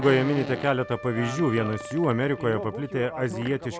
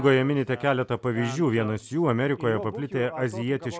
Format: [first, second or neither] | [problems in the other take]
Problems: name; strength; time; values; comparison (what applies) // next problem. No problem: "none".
second | background sound (Wind instrument, woodwind instrument + Fart); 12 dB below the speech